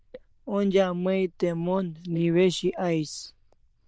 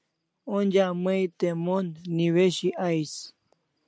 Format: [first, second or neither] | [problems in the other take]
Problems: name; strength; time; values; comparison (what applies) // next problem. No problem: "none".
second | noise reduction (neural diffusion model UNIVERSE++)